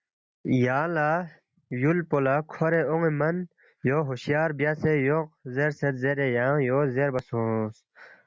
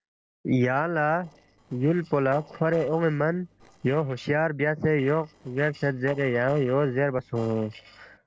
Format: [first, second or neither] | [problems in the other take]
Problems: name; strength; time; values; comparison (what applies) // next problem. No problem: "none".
first | noise reduction (neural separator model SepFormer DNS4)